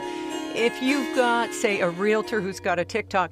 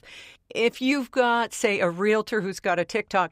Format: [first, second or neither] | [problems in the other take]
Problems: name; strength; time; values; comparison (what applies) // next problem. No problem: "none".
second | background music; loud; throughout; 8 dB below the speech